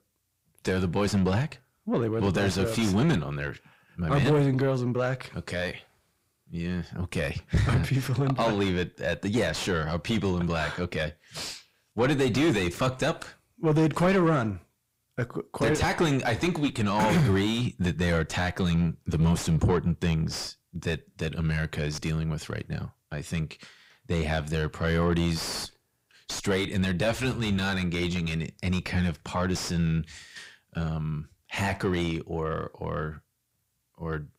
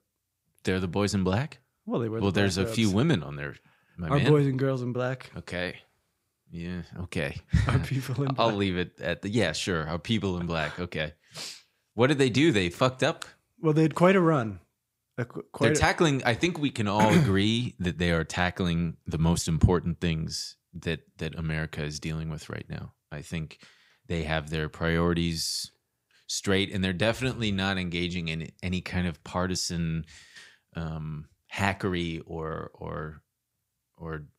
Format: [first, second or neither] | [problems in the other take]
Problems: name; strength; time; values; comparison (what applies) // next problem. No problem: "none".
second | distortion; heavy; 5 dB below the speech